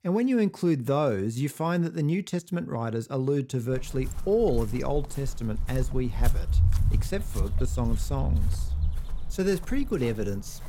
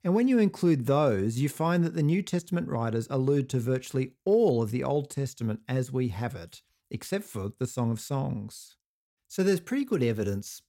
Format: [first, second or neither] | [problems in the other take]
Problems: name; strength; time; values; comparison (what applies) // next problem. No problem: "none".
second | footsteps; loud; from 4 s on; peak 4 dB above the speech